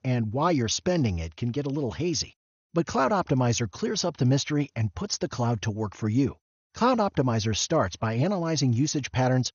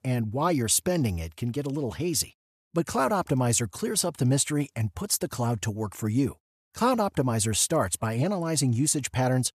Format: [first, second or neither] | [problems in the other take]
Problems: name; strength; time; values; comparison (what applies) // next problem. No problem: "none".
second | garbled, watery; slightly; nothing above 6.5 kHz